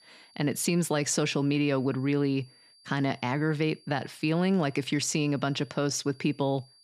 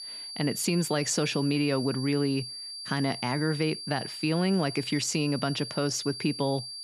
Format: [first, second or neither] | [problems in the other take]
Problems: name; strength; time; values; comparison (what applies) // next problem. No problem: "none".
first | high-pitched whine; loud; throughout; 4.5 kHz, 8 dB below the speech; faint in the first